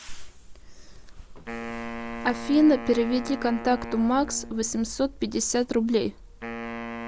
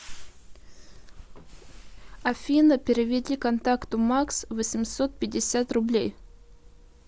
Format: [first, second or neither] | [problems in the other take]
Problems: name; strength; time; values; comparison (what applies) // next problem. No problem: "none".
second | background sound (Wind instrument, woodwind instrument); 12 dB below the speech